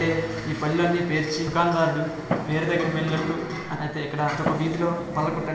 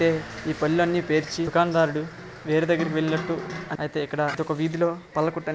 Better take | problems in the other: second | background sound (Fireworks); 7 dB below the speech // room echo; dies away in 1.1 s

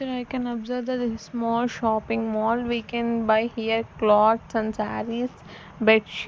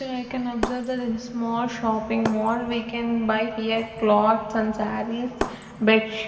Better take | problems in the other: first | background sound (Shatter); 13 dB below the speech // room echo; dies away in 2.2 s

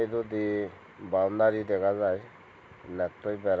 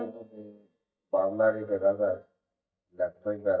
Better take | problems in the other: first | noise reduction (neural mask model DeepFilterNet 3)

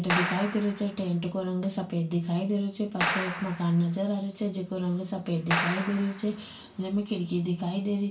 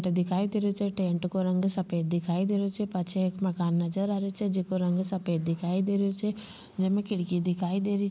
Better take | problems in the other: second | background sound (Clapping); 6 dB below the speech // room echo; dies away in 0.3 s

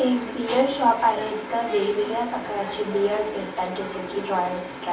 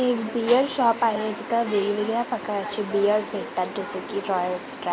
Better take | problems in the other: second | room echo; dies away in 0.3 s

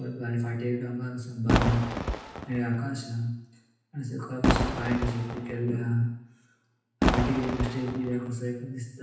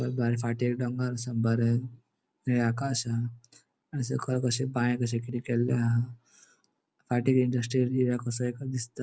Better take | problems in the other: second | background sound (Fireworks); 2 dB above the speech // room echo; dies away in 0.9 s

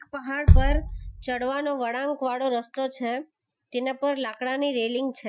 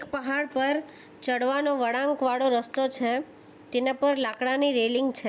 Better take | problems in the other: second | noise reduction (classical method Wiener filter)

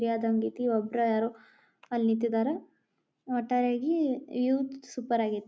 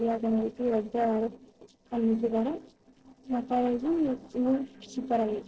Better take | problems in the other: first | noise reduction (neural separator model SepFormer DNS4)

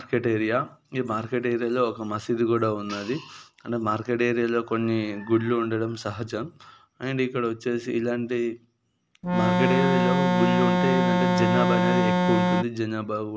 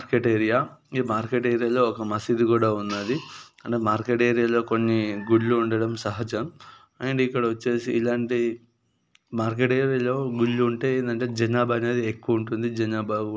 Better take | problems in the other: second | background sound (Organ); 5 dB above the speech

